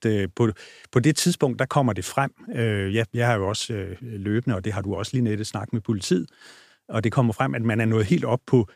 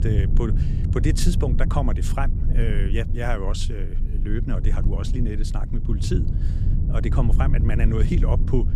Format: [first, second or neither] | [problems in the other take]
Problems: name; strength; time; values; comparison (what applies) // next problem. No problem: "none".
first | low rumble; loud; throughout; 7 dB below the speech